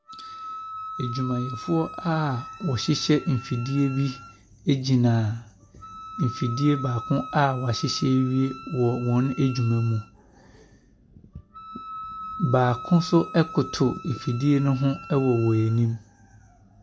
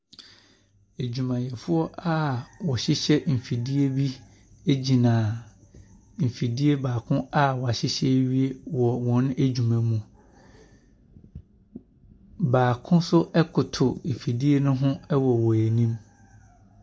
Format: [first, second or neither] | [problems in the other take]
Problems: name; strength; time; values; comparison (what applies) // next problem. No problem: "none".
second | background sound (Wind instrument, woodwind instrument); 14 dB below the speech